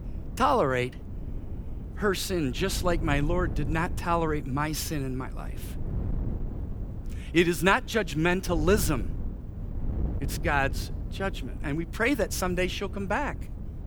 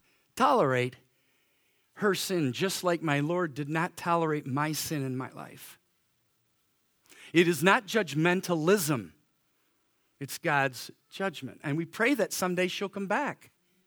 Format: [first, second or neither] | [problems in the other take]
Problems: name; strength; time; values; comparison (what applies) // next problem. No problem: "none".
second | wind noise on the microphone; occasional gusts; 20 dB below the speech